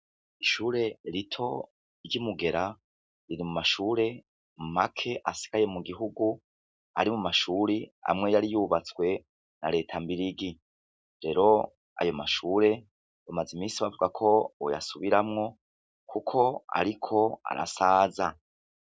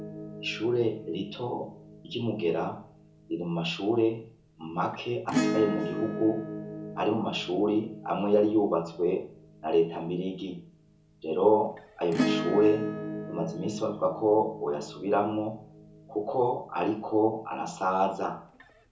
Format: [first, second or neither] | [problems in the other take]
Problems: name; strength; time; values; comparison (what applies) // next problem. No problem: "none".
first | background sound (Acoustic guitar / Strum); 9 dB below the speech // room echo; dies away in 0.6 s